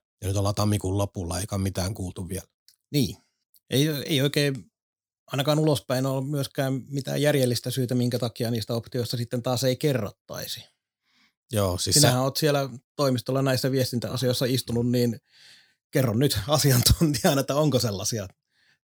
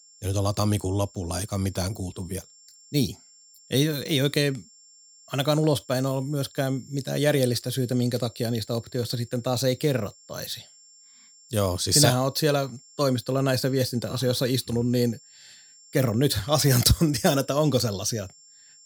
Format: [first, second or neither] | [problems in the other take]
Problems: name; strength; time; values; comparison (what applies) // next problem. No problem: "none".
first | high-pitched whine; faint; throughout; 7.5 kHz, 25 dB below the speech